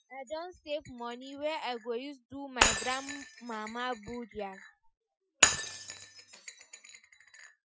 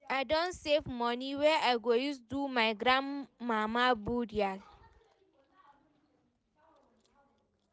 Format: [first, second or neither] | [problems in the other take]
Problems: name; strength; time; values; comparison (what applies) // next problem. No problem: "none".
second | noise reduction (classical method Wiener filter)